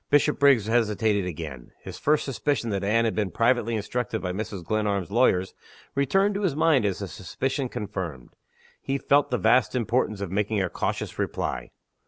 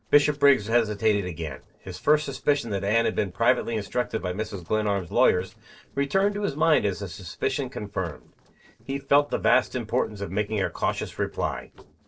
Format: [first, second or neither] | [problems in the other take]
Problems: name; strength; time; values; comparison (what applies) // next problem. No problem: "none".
first | noise reduction (neural separator model SepFormer DNS4)